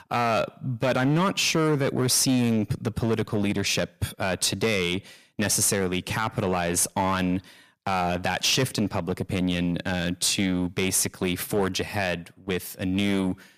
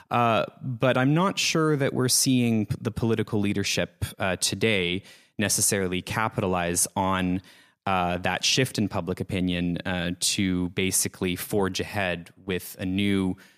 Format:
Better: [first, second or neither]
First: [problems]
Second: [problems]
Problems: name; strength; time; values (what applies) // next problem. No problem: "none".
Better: second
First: distortion; slight; 8% of the sound clipped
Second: none